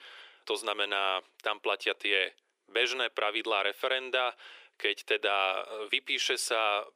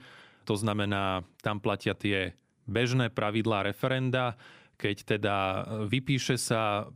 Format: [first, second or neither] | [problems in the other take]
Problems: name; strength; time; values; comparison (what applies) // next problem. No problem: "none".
second | thin; very; fading below 400 Hz